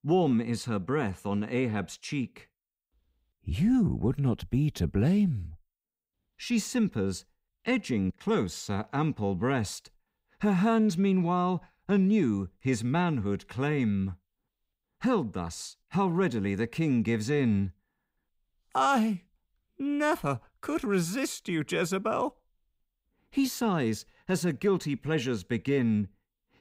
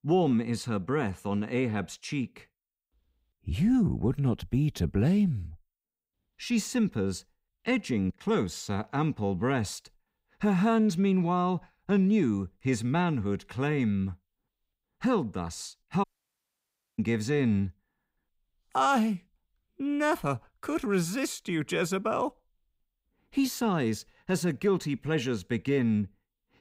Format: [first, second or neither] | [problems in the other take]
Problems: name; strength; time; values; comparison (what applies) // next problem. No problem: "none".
first | audio cutting out; at 16 s for 1 s